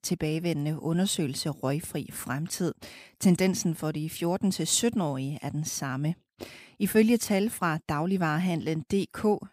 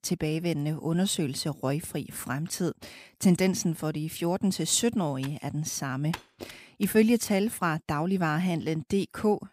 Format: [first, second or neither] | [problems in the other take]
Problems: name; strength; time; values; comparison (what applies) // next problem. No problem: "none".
first | keyboard typing; faint; from 5 to 7 s; peak 15 dB below the speech